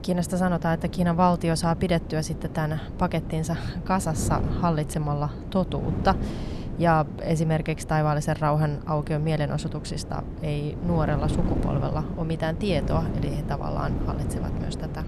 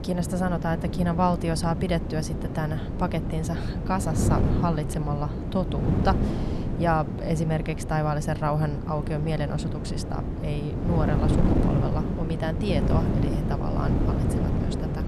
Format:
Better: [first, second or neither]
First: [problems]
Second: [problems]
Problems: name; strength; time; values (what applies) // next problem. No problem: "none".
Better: first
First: wind noise on the microphone; occasional gusts; 10 dB below the speech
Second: wind noise on the microphone; heavy; 5 dB below the speech